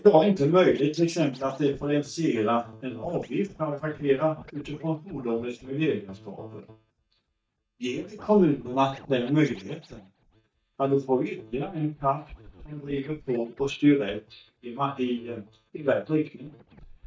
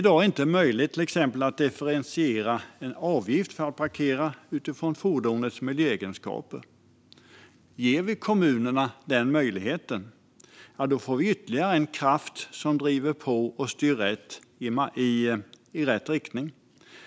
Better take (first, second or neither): second